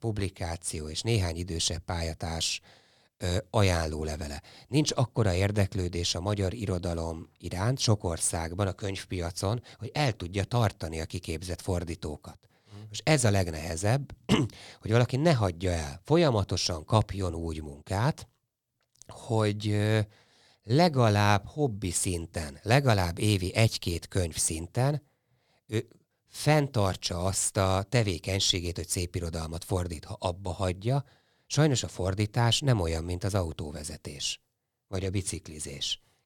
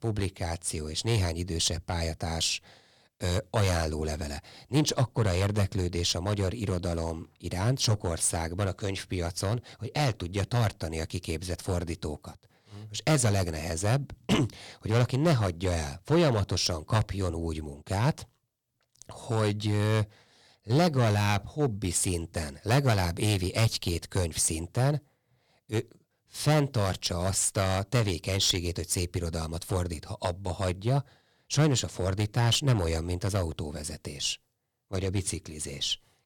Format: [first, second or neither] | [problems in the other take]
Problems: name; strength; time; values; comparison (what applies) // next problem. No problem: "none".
first | distortion; slight; 3% of the sound clipped